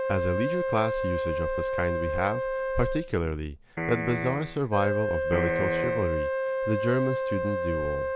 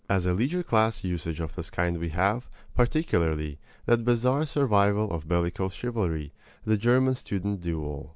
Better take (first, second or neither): second